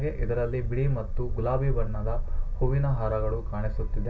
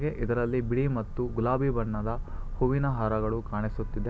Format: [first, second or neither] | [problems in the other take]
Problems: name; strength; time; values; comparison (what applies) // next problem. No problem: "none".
second | room echo; dies away in 0.2 s